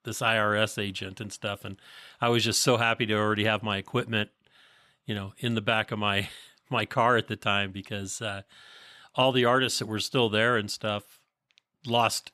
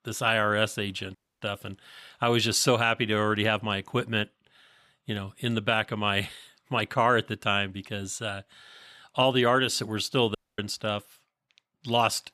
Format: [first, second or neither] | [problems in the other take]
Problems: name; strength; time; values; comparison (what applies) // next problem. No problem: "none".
first | audio cutting out; at 1 s and at 10 s